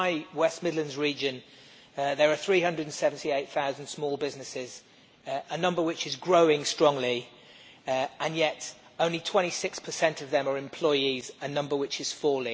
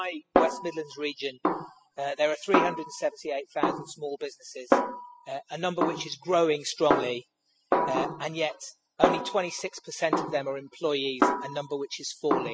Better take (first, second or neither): first